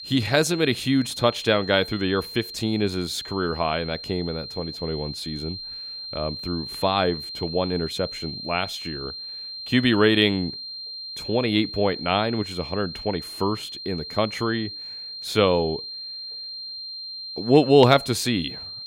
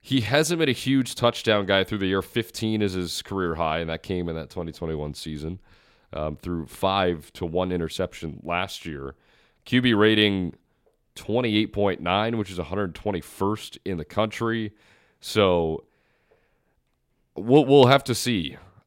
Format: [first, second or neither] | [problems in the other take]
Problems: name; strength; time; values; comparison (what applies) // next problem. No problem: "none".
second | high-pitched whine; loud; throughout; 4 kHz, 10 dB below the speech